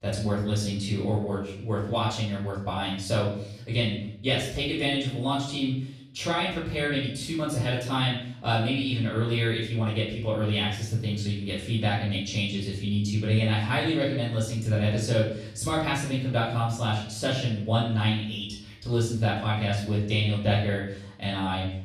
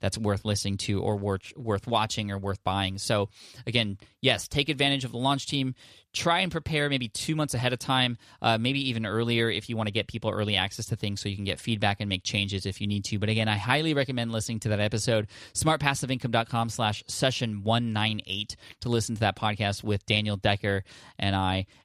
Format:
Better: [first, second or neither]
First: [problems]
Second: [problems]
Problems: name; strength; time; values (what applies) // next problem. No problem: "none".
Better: second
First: off-mic speech; far // room echo; noticeable; dies away in 0.6 s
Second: none